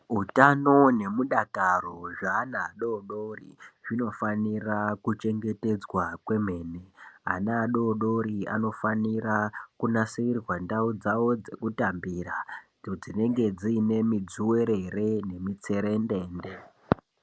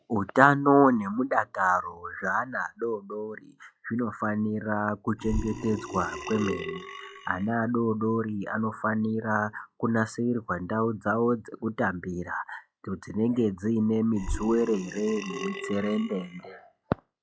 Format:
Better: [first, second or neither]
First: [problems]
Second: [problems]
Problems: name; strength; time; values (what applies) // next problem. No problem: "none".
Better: first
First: none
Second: noise reduction (classical method log-MMSE)